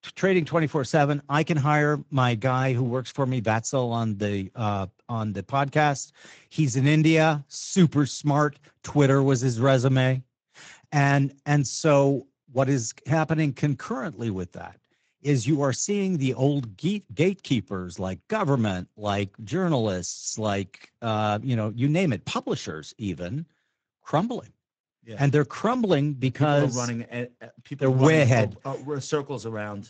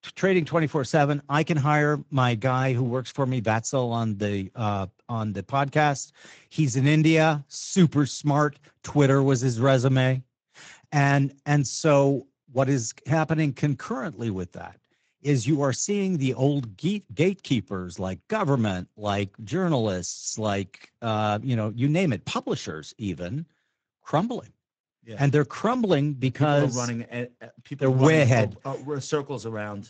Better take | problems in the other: neither | garbled, watery; slightly; nothing above 7.5 kHz; the same in both

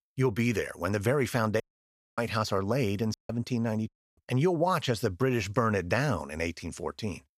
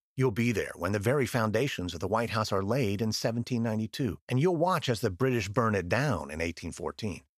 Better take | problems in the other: second | audio cutting out; at 1.5 s for 0.5 s, at 3 s and at 4 s

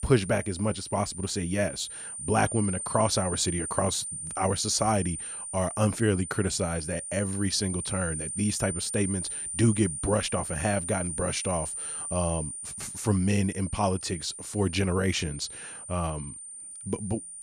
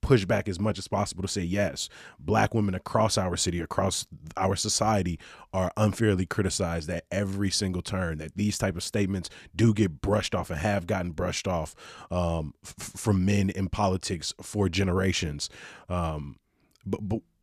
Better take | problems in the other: second | high-pitched whine; loud; throughout; 9 kHz, 6 dB below the speech

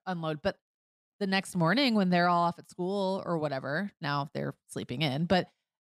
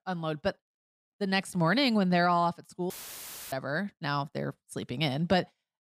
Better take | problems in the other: first | audio cutting out; filled with static; at 3 s for 0.5 s

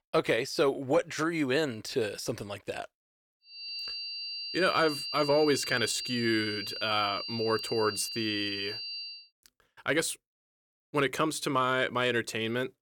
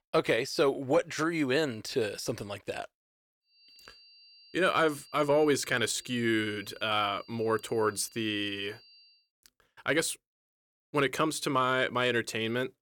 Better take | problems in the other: second | high-pitched whine; loud; from 3.5 to 9 s; 4.5 kHz, 6 dB below the speech; faint in the second

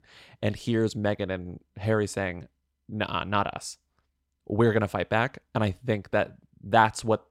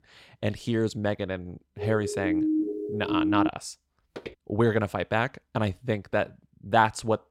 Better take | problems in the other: first | siren; loud; from 2 to 3.5 s; peak 3 dB above the speech // footsteps; faint; at 4 s; peak 15 dB below the speech

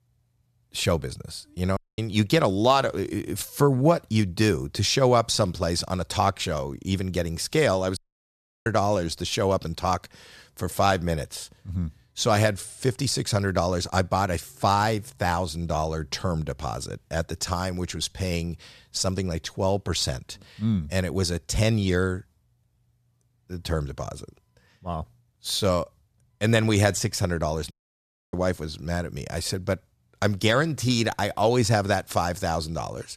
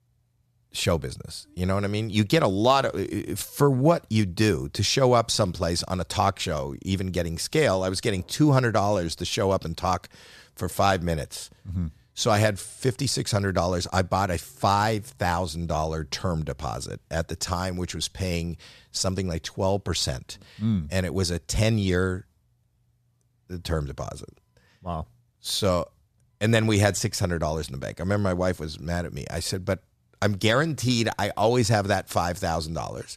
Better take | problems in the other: second | audio cutting out; at 2 s, at 8 s for 0.5 s and at 28 s for 0.5 s

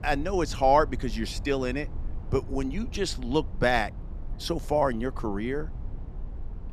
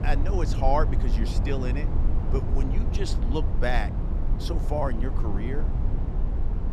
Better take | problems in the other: first | low rumble; loud; throughout; 8 dB below the speech; faint in the first

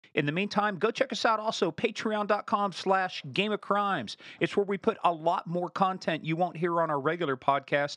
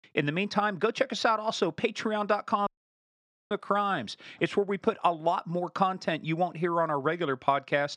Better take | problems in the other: first | audio cutting out; at 2.5 s for 1 s

